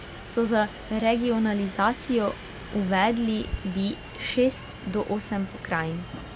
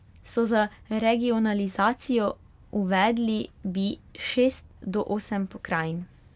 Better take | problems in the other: second | background sound (Subway, metro, underground); 13 dB below the speech

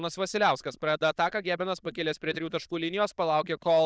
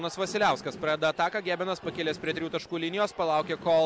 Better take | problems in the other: second | noise reduction (neural diffusion model UNIVERSE++)

